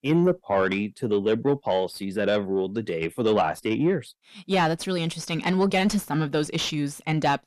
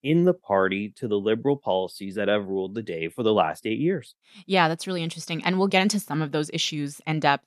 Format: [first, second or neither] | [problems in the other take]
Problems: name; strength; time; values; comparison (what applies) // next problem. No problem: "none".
second | distortion; slight; 10 dB below the speech